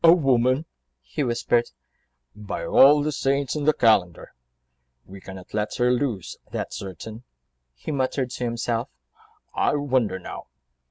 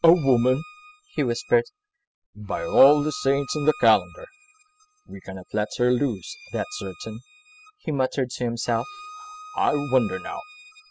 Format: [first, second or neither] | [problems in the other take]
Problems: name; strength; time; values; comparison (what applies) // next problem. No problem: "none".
first | noise reduction (classical method spectral subtraction)